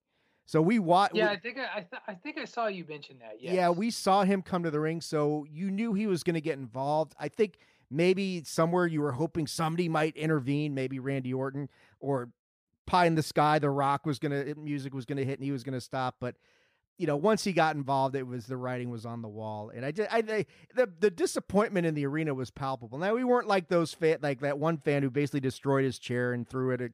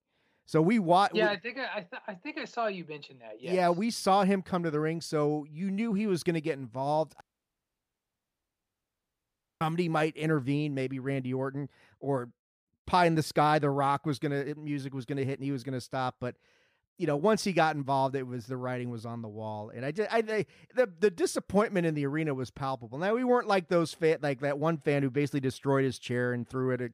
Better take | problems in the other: first | audio cutting out; at 7 s for 2.5 s

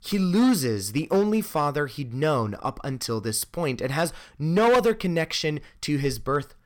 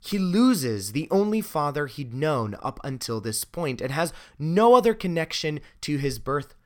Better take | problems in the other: second | distortion; slight; 4% of the sound clipped

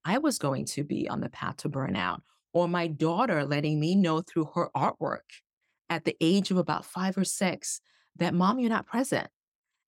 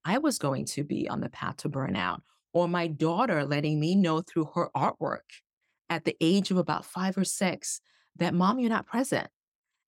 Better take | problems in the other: neither | none

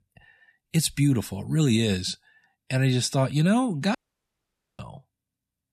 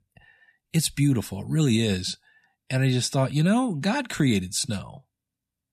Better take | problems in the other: second | audio cutting out; at 4 s for 1 s

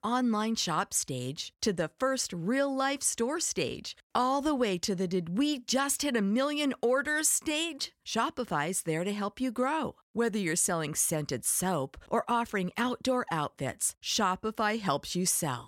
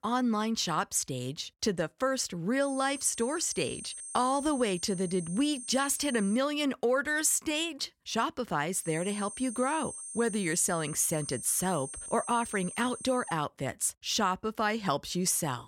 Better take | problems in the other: first | high-pitched whine; noticeable; from 2.5 to 6.5 s and from 9 to 13 s; 8.5 kHz, 10 dB below the speech

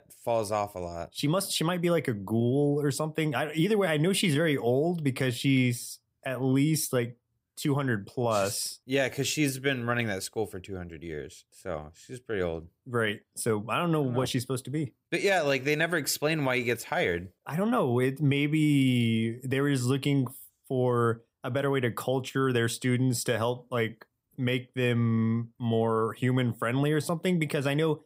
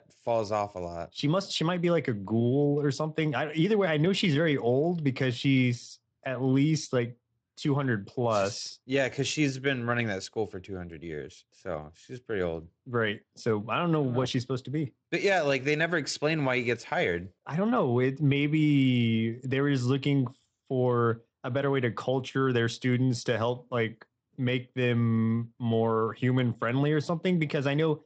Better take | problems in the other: first | garbled, watery; slightly; nothing above 8 kHz

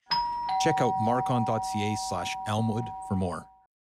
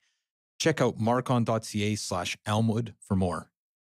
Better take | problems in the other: second | doorbell; loud; until 3 s; peak 3 dB above the speech

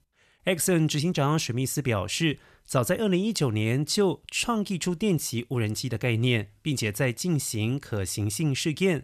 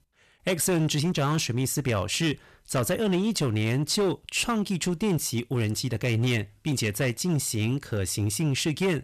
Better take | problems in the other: first | distortion; slight; 10% of the sound clipped

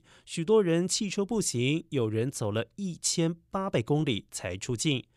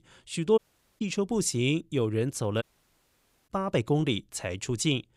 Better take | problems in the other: first | audio cutting out; at 0.5 s and at 2.5 s for 1 s

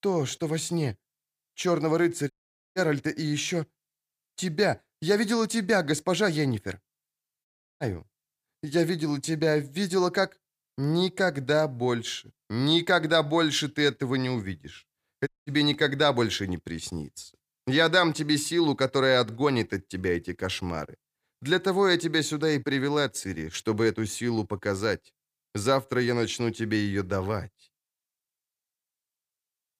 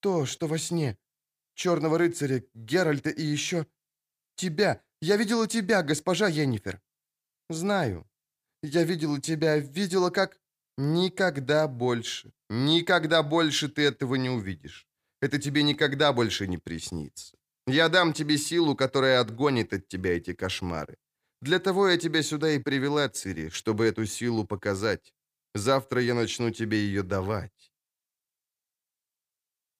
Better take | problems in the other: second | audio cutting out; at 2.5 s, at 7.5 s and at 15 s

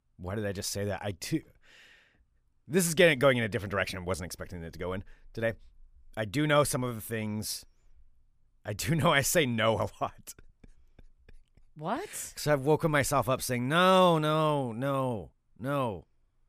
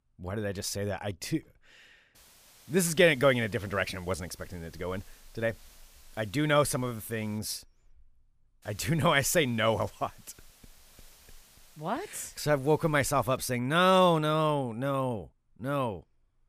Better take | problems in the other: first | hiss; faint; from 2 to 7.5 s and from 8.5 to 13 s; 30 dB below the speech

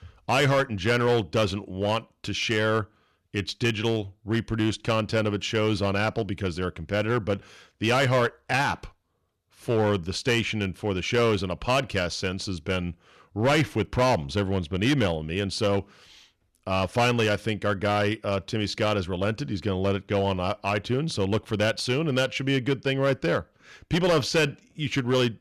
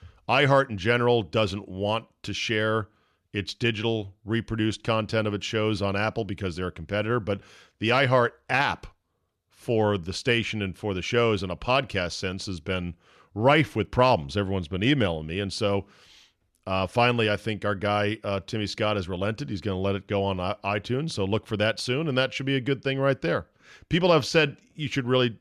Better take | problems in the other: second | distortion; slight; 5% of the sound clipped

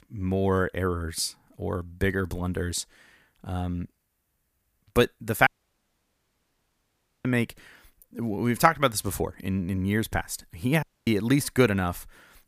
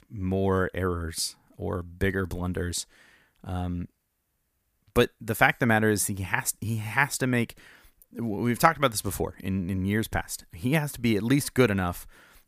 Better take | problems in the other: second | audio cutting out; at 5.5 s for 2 s and at 11 s

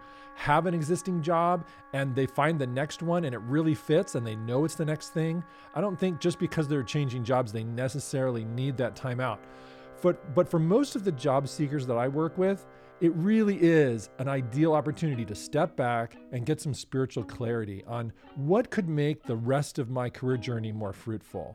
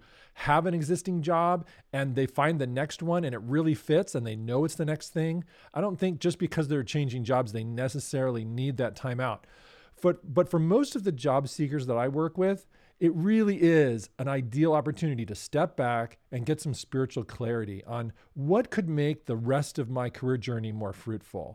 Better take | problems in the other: second | background music; faint; throughout; 20 dB below the speech

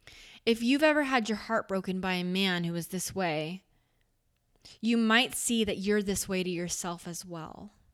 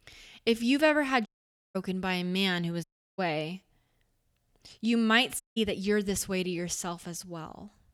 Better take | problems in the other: first | audio cutting out; at 1.5 s, at 3 s and at 5.5 s

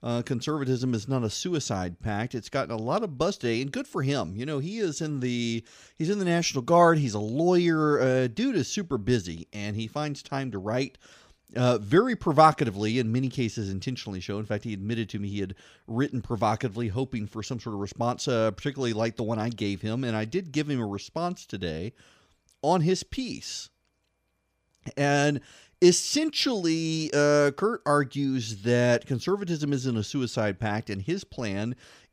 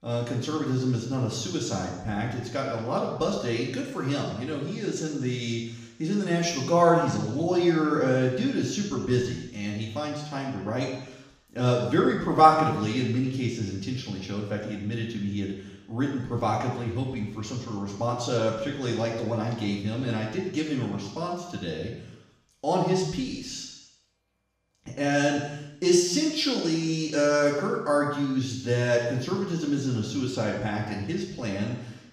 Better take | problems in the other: first | room echo; noticeable; dies away in 0.9 s // off-mic speech; far

